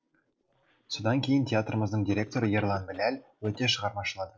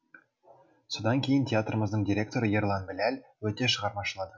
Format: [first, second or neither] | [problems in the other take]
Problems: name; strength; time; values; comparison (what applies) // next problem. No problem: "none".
second | noise reduction (neural separator model SepFormer DNS4)